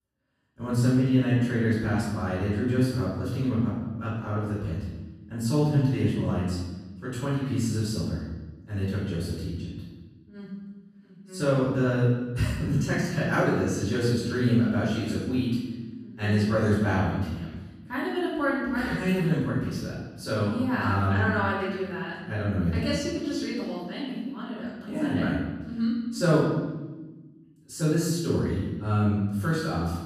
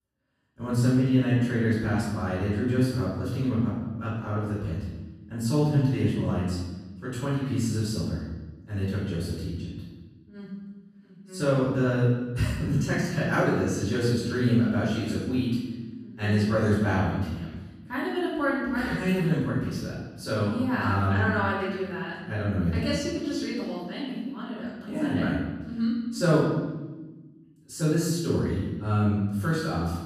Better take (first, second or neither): neither